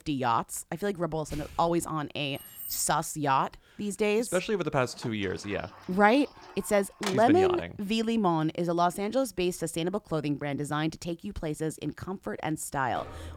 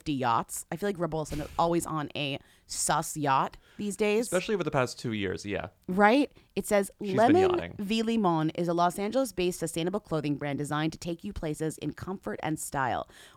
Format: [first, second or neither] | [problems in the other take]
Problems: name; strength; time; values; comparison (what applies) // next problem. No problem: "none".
second | jangling keys; noticeable; at 2.5 s; peak 7 dB below the speech // door banging; noticeable; from 5 to 7 s; peak 7 dB below the speech // door banging; faint; at 13 s; peak 15 dB below the speech